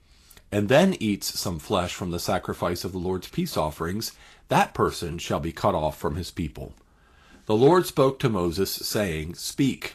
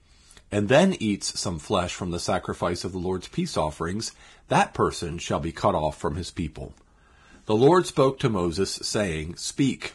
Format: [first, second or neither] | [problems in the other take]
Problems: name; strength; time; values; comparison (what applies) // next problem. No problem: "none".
first | garbled, watery; badly; nothing above 11 kHz; slightly in the first